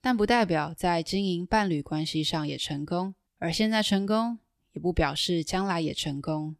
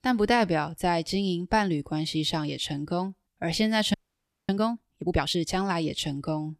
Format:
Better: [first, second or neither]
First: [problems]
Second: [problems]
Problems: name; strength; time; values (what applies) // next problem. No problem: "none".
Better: first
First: none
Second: audio freezing; at 4 s for 0.5 s